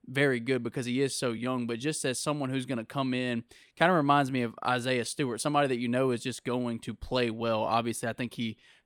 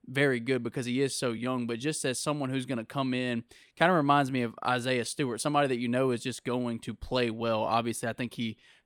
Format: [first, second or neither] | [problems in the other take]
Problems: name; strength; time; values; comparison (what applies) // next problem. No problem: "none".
neither | none